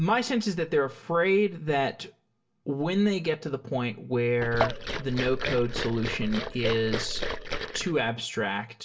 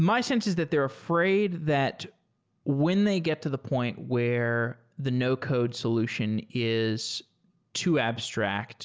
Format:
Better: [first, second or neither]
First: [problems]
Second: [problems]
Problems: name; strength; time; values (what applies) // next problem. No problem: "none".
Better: second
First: background sound (Liquid); 4 dB below the speech // room echo; dies away in 0.2 s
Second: none